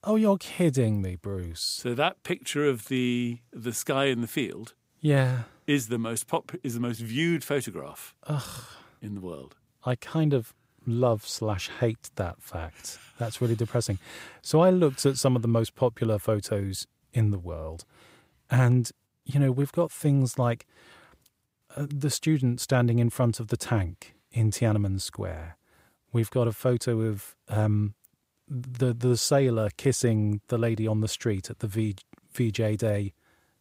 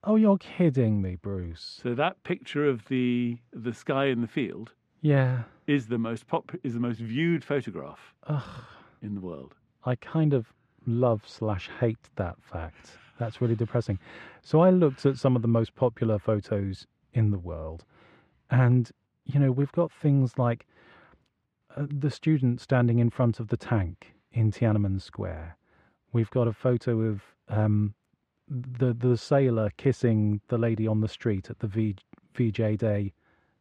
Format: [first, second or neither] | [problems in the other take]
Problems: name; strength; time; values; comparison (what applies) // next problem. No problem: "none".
first | muffled; slightly; fading above 2.5 kHz